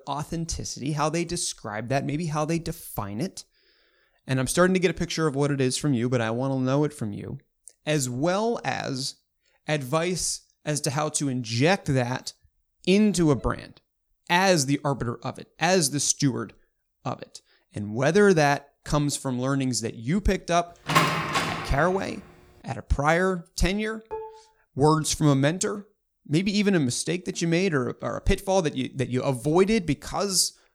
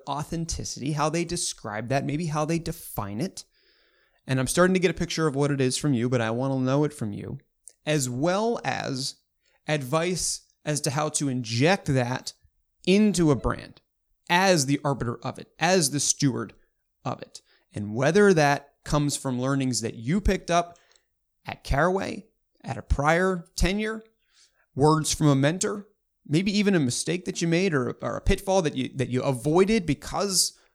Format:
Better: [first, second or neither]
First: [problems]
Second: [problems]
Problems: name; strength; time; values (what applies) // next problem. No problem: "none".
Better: second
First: door banging; loud; at 21 s; peak 3 dB above the speech // clattering dishes; faint; at 24 s; peak 15 dB below the speech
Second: none